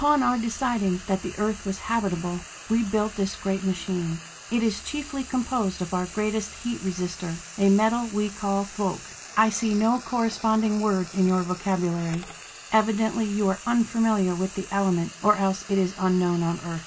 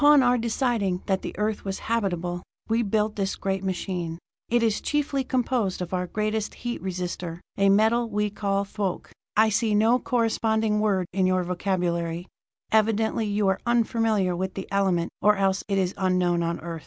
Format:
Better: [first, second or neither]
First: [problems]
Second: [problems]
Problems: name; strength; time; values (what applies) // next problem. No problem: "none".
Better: second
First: background sound (Frying (food)); 17 dB below the speech // room echo; dies away in 0.2 s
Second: none